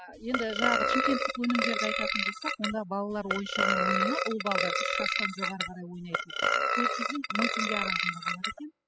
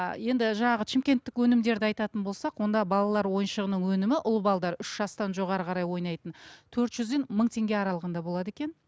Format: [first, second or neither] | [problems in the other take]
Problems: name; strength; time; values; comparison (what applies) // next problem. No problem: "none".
second | noise reduction (classical method spectral subtraction)